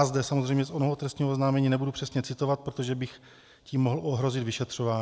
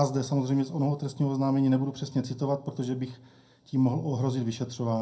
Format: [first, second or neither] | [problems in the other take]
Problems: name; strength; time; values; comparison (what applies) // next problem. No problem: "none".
first | room echo; dies away in 0.2 s